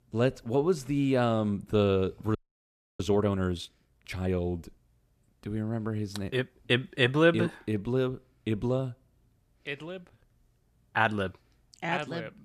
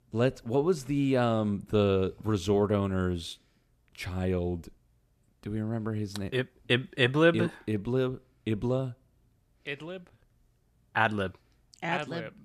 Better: second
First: audio freezing; at 2.5 s for 0.5 s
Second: none

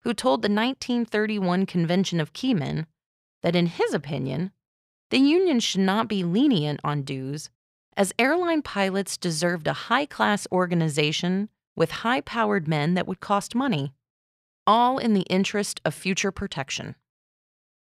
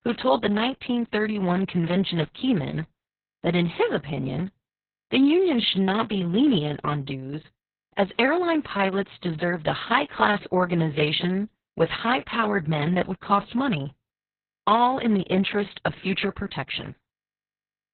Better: first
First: none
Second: garbled, watery; badly; nothing above 4 kHz

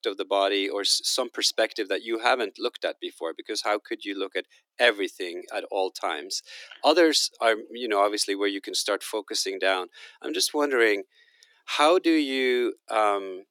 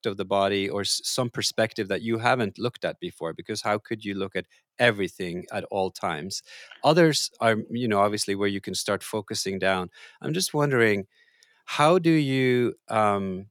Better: second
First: thin; somewhat; fading below 300 Hz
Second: none

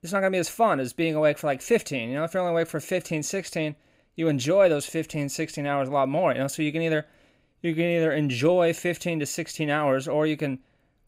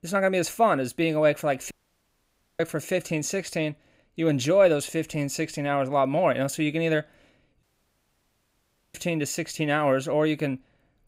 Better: first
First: none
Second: audio cutting out; at 1.5 s for 1 s and at 7.5 s for 1.5 s

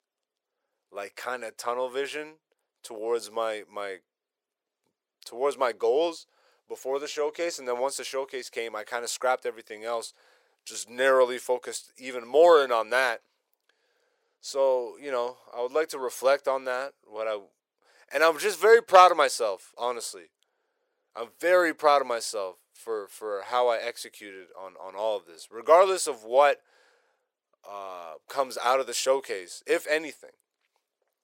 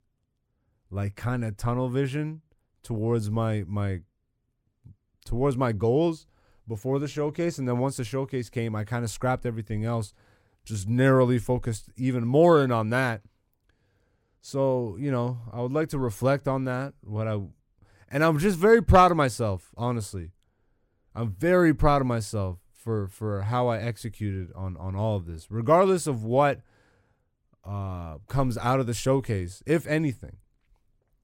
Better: second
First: thin; very; fading below 500 Hz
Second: none

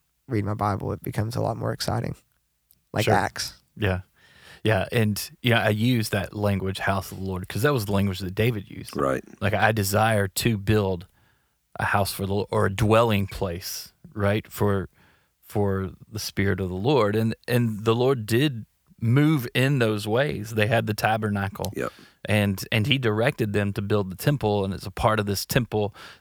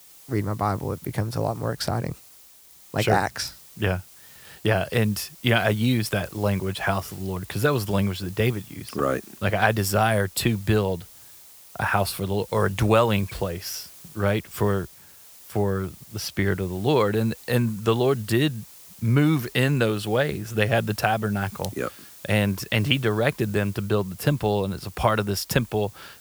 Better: first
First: none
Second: hiss; faint; throughout; 20 dB below the speech

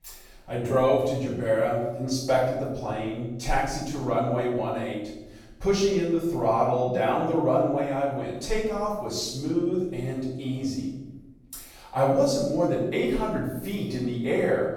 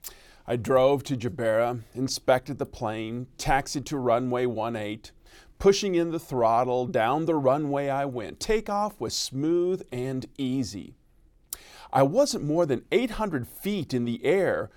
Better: second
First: room echo; noticeable; dies away in 0.9 s // off-mic speech; far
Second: none

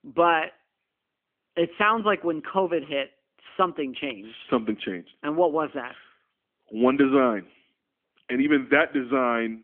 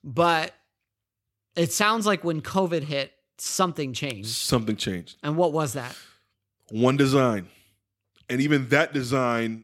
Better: second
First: phone-call audio; nothing above 3.5 kHz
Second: none

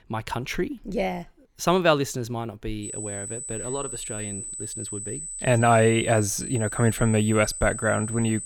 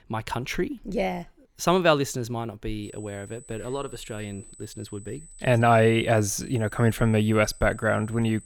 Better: second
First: high-pitched whine; loud; from 3 s on; 8 kHz, 8 dB below the speech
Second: high-pitched whine; faint; from 3 s on; 8 kHz, 20 dB below the speech

